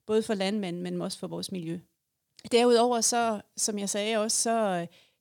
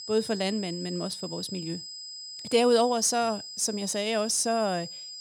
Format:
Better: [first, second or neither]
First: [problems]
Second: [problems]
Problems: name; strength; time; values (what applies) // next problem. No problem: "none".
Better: first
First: none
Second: high-pitched whine; noticeable; throughout; 5 kHz, 10 dB below the speech